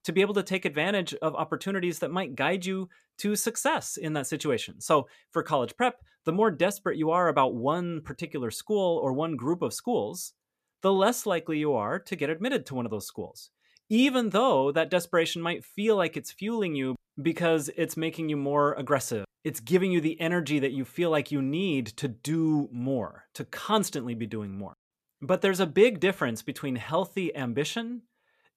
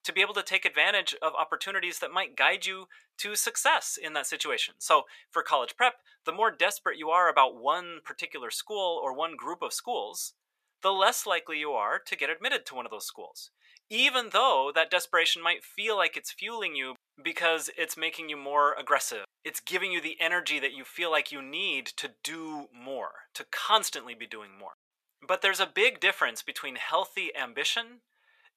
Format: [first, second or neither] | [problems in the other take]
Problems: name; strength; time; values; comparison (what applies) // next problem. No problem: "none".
first | thin; very; fading below 850 Hz